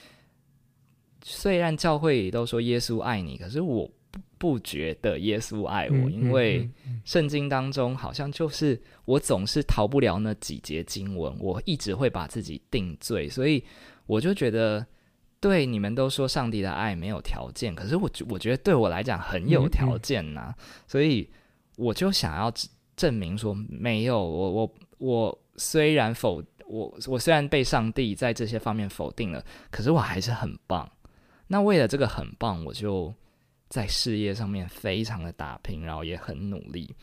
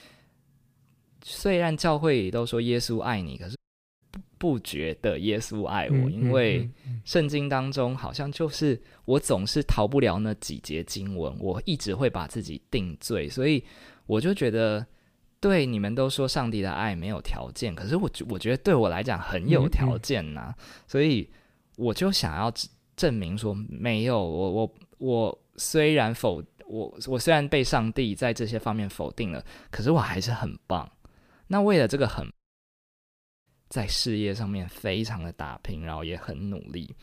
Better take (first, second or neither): first